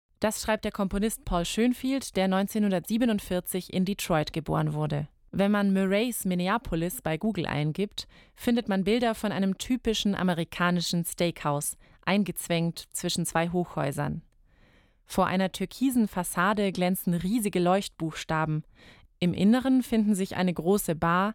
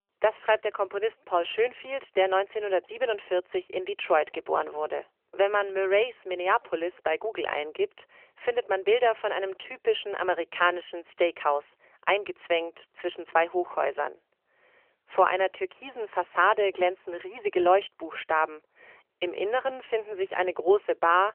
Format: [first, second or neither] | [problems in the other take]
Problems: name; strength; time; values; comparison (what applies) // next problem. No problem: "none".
first | phone-call audio; nothing above 3 kHz